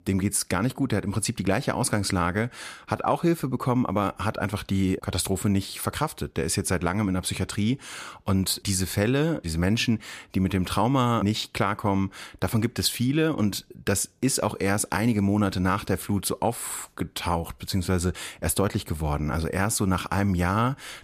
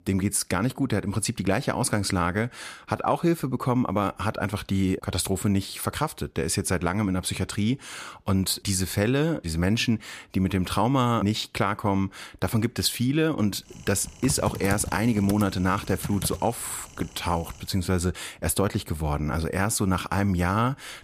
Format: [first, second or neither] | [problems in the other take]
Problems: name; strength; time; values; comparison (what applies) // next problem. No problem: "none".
first | keyboard typing; noticeable; from 14 to 17 s; peak 6 dB below the speech